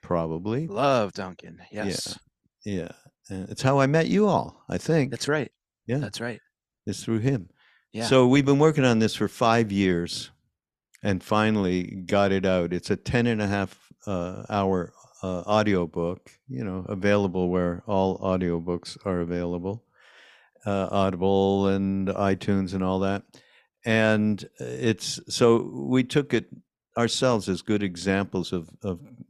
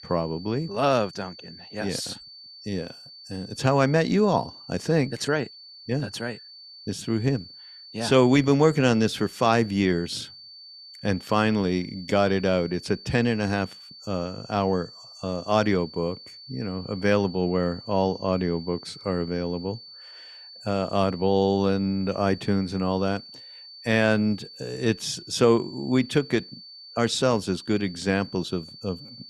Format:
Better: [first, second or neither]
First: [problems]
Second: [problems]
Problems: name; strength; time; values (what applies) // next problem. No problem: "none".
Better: first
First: none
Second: high-pitched whine; noticeable; throughout; 4.5 kHz, 15 dB below the speech